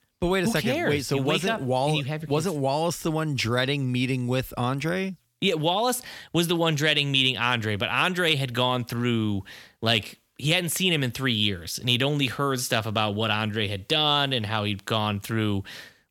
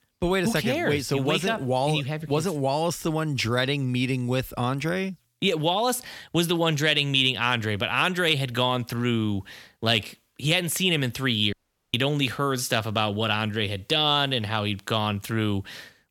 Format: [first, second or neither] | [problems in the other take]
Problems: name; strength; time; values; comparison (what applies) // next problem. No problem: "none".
first | audio cutting out; at 12 s